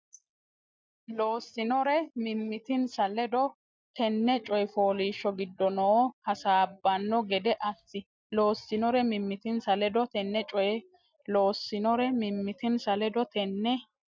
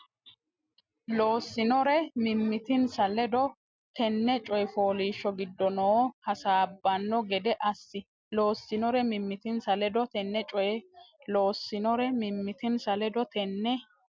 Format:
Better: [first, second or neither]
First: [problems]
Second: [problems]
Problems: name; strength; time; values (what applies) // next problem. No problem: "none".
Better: second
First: noise reduction (neural mask model DeepFilterNet 3)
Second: none